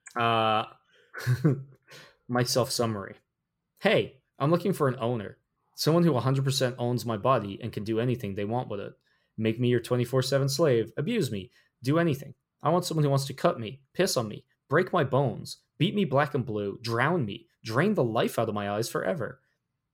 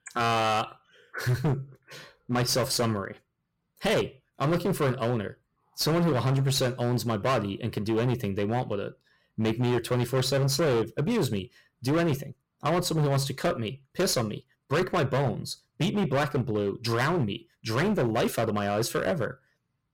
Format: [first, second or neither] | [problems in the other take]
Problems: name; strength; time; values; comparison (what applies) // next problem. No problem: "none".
first | distortion; heavy; 15% of the sound clipped